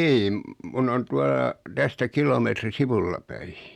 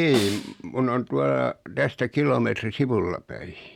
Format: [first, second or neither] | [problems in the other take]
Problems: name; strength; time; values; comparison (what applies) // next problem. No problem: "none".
first | background sound (Snare drum); 12 dB below the speech